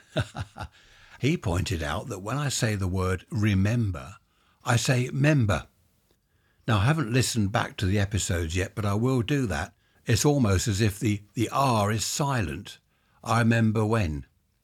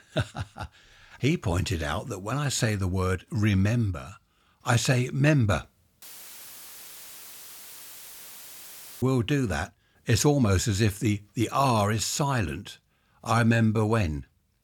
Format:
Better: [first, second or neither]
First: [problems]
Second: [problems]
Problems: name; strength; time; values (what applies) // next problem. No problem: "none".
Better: first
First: none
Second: audio cutting out; filled with static; at 6 s for 3 s